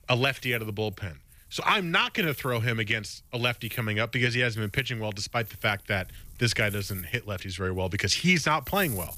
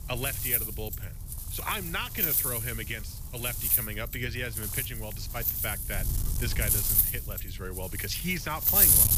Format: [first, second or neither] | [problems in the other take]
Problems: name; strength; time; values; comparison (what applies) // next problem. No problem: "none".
first | wind noise on the microphone; heavy; 1 dB above the speech; occasional gusts in the first